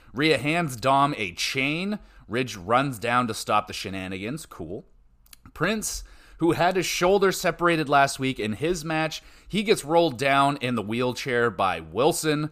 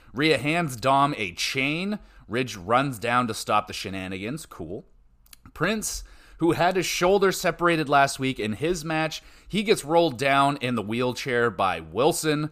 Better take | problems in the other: neither | none

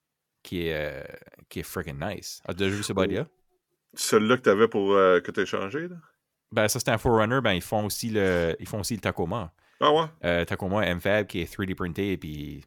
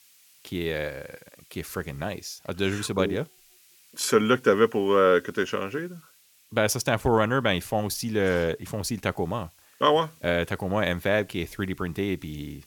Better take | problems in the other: first | hiss; faint; throughout; 30 dB below the speech

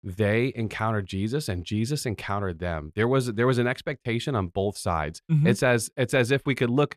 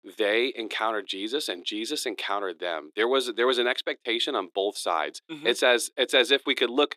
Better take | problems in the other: first | thin; somewhat; fading below 300 Hz

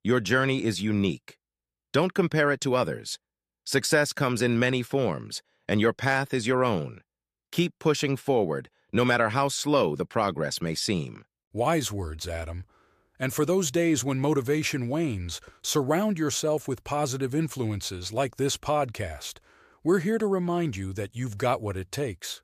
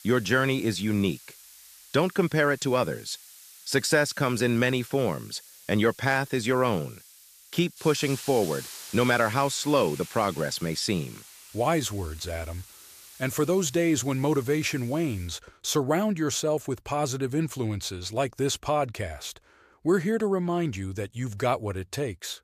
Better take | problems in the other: first | hiss; noticeable; until 15 s; 15 dB below the speech

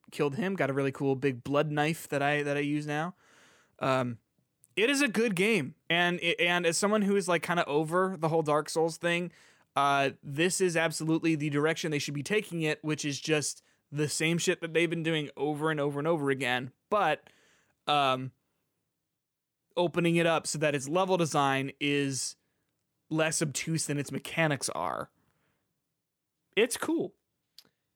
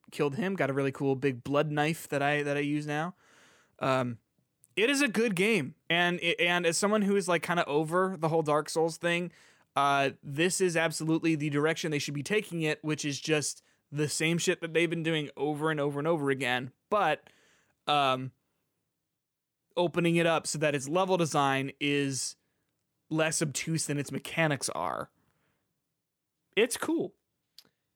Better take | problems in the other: neither | none

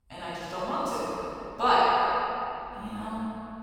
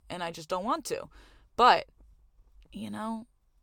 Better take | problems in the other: second | room echo; strong; dies away in 2.8 s // off-mic speech; far

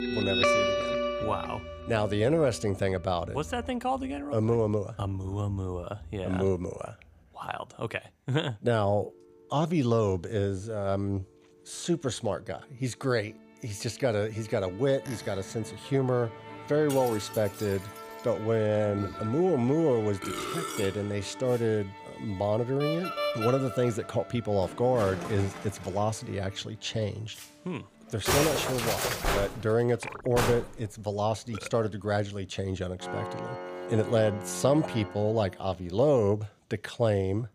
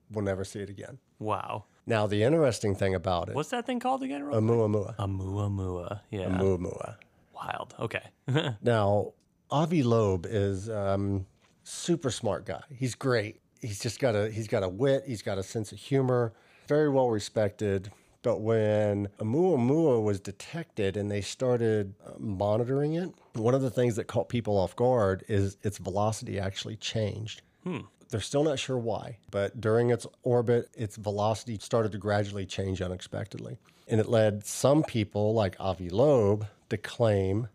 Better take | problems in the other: second | background music; loud; throughout; 5 dB below the speech

